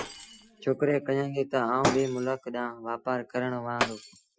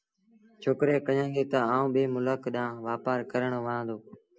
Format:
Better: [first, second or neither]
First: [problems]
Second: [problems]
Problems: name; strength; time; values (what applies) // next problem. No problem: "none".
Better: second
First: noise reduction (classical method Wiener filter)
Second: none